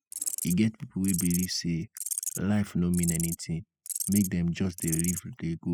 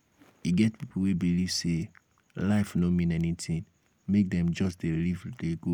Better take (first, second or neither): second